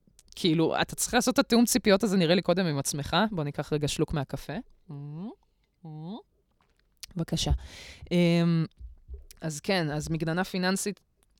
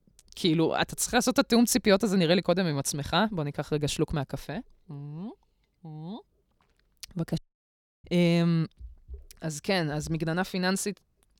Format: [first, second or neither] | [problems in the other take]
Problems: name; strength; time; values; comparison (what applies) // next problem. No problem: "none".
first | audio cutting out; at 7.5 s for 0.5 s